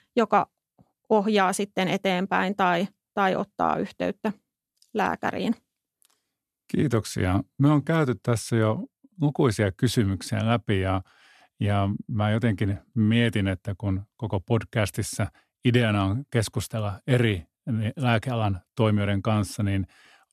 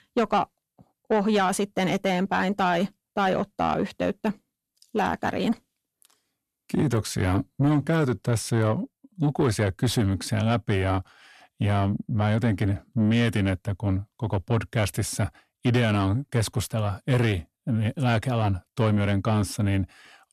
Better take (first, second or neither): first